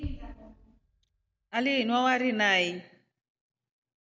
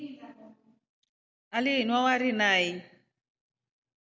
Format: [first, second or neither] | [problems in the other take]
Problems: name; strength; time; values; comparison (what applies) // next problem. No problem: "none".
second | background sound (Bass drum); 17 dB below the speech